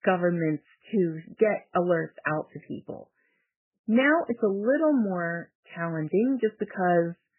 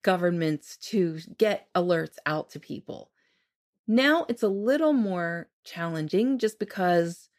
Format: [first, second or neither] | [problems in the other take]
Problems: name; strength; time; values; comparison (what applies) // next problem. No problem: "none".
second | garbled, watery; badly; nothing above 3 kHz